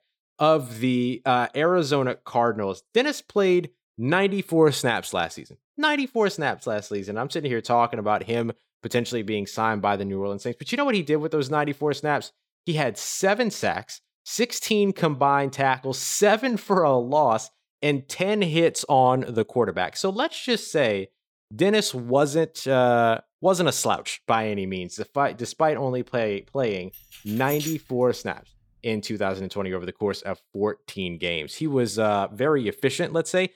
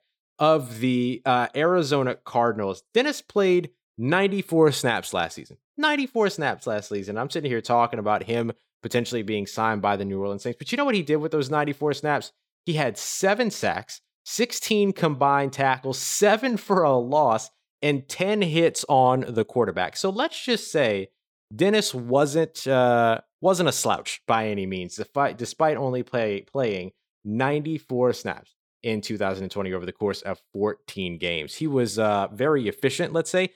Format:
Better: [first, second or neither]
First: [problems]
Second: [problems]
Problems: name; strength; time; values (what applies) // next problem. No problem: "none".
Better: second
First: jangling keys; noticeable; at 27 s; peak 8 dB below the speech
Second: none